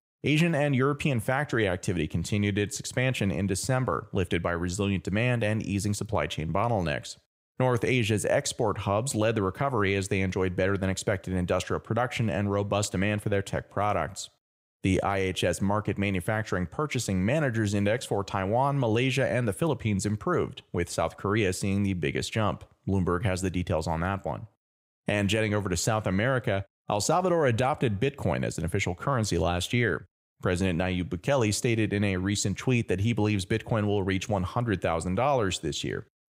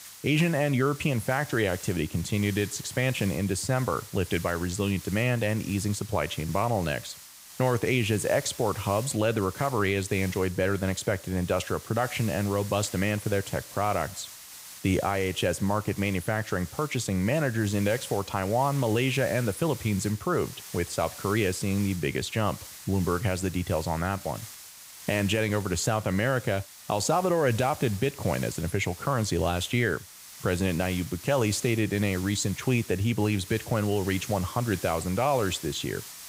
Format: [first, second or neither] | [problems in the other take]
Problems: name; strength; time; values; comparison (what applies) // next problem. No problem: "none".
first | hiss; noticeable; throughout; 15 dB below the speech